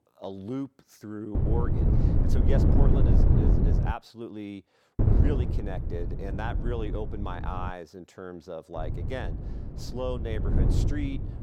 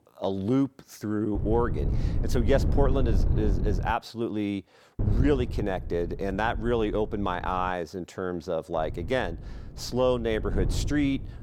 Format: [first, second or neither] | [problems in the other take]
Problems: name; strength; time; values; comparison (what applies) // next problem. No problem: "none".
second | wind noise on the microphone; heavy; from 1.5 to 4 s, from 5 to 7.5 s and from 9 s on; as loud as the speech; occasional gusts in the second